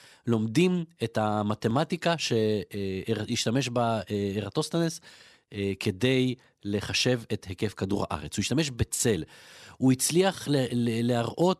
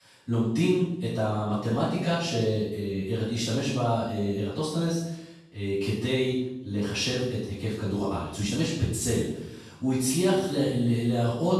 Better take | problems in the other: first | room echo; strong; dies away in 0.8 s // off-mic speech; far

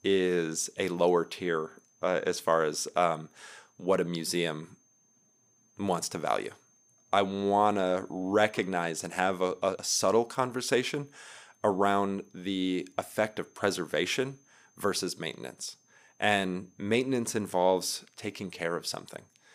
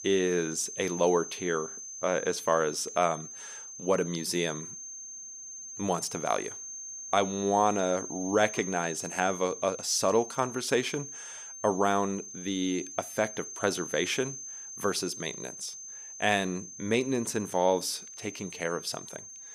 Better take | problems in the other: first | high-pitched whine; loud; throughout; 6.5 kHz, 10 dB below the speech; faint in the first

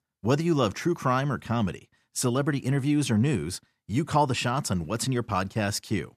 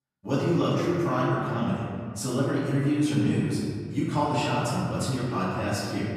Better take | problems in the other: first | room echo; strong; dies away in 1.8 s // off-mic speech; far

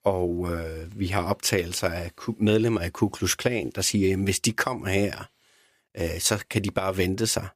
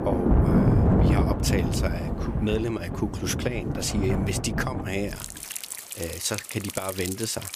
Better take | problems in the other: first | rain or running water; very loud; throughout; 3 dB above the speech

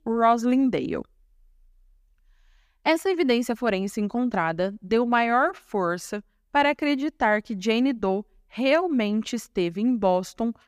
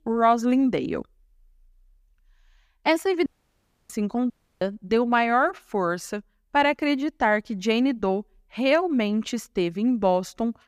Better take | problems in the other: first | audio cutting out; at 3.5 s for 0.5 s and at 4.5 s

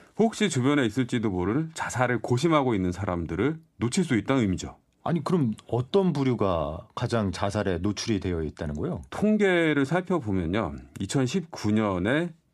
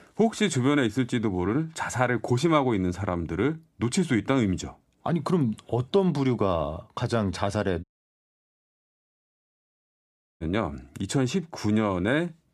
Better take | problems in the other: first | audio cutting out; at 8 s for 2.5 s

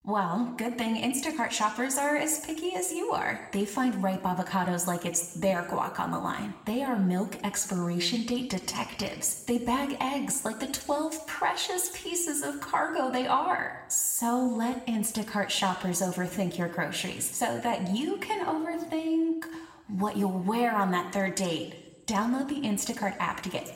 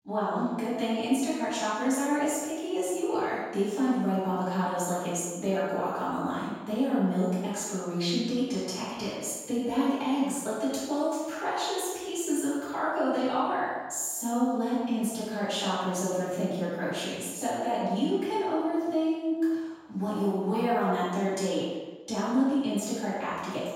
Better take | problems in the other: first | room echo; strong; dies away in 1.2 s; slight in the first // off-mic speech; far

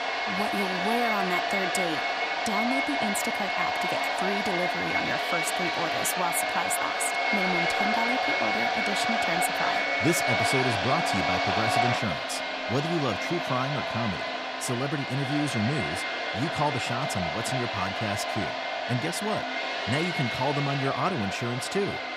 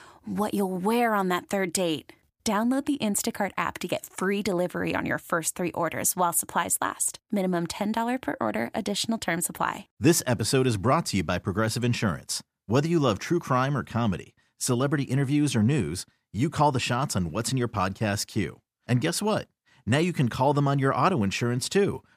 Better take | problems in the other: second | household noises; very loud; throughout; 4 dB above the speech

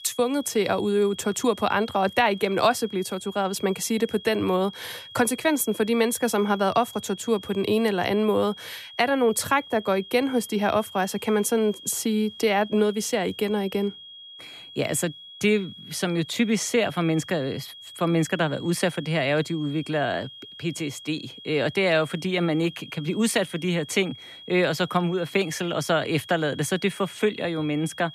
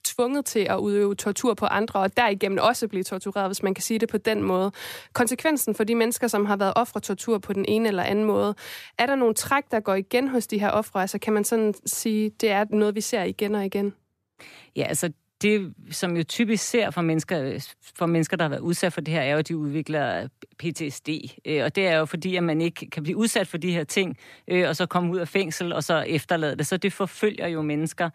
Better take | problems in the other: second | high-pitched whine; noticeable; throughout; 3.5 kHz, 15 dB below the speech

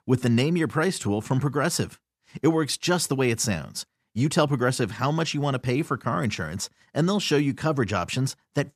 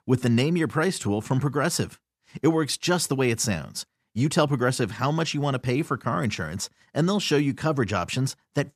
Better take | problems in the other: neither | none

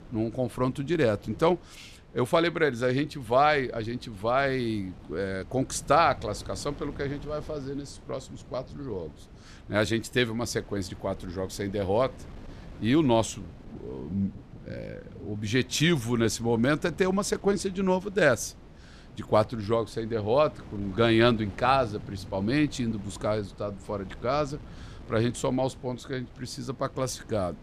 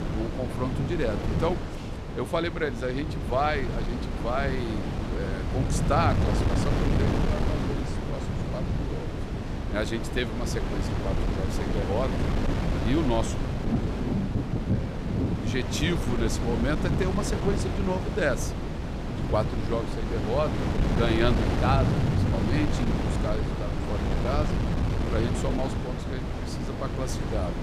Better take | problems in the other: first | wind noise on the microphone; heavy; 3 dB below the speech; occasional gusts in the first

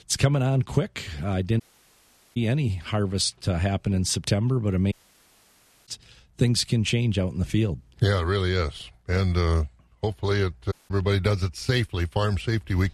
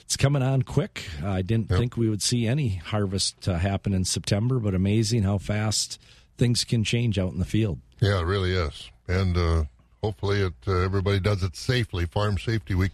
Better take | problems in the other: second | audio cutting out; at 1.5 s for 1 s, at 5 s for 1 s and at 11 s

